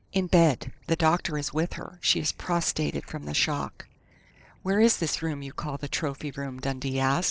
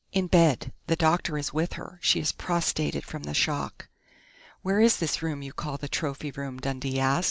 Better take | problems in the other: second | noise reduction (neural separator model SepFormer DNS4)

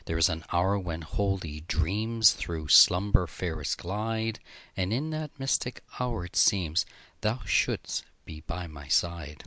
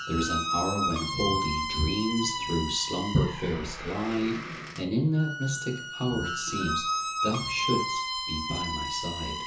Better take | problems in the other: first | background sound (Squeak); 2 dB below the speech // room echo; dies away in 0.6 s

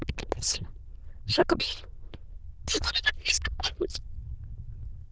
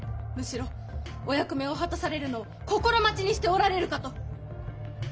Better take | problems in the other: second | noise reduction (neural diffusion model UNIVERSE++)

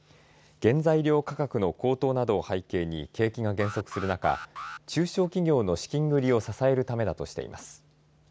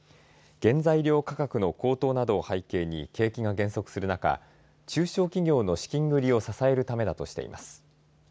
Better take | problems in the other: second | background sound (Alarm); 13 dB below the speech

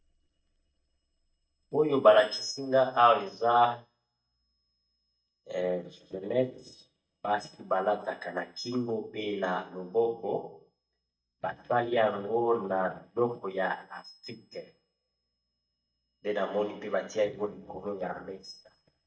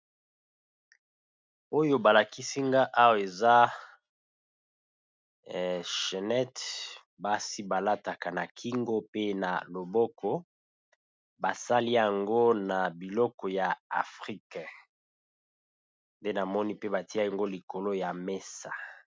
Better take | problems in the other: second | noise reduction (neural mask model DeepFilterNet 3)

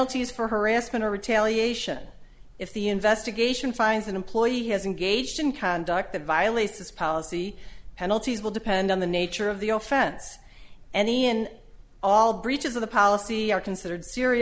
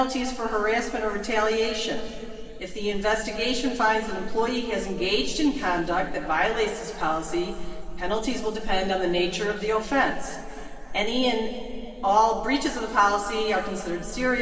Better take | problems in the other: first | room echo; dies away in 2.9 s

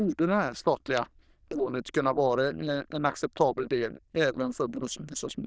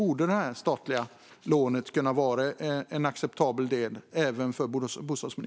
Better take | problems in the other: second | noise reduction (neural diffusion model UNIVERSE++)

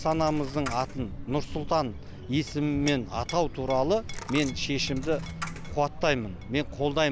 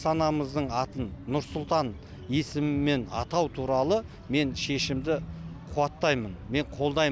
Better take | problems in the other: second | background sound (Chink, clink + Coin (dropping)); 10 dB below the speech

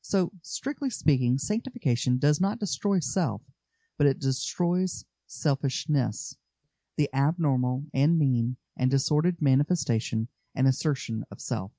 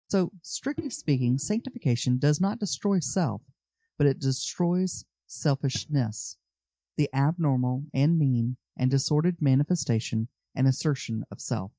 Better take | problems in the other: first | noise reduction (neural mask model DeepFilterNet 3)

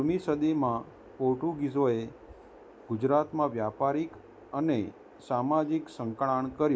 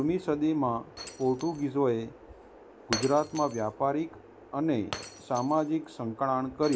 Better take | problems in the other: first | background sound (Shatter); 15 dB below the speech

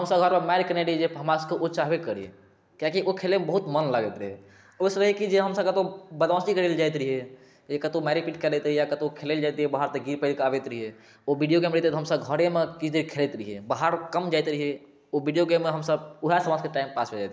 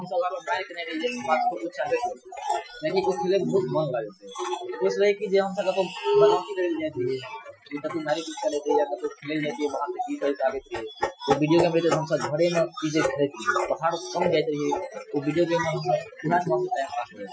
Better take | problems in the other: first | noise reduction (classical method Wiener filter)

